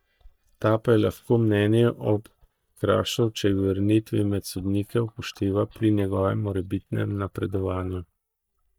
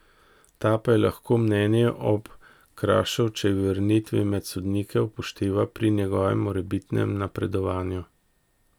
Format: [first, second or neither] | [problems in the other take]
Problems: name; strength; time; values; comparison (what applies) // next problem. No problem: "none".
second | noise reduction (neural mask model DeepFilterNet 3)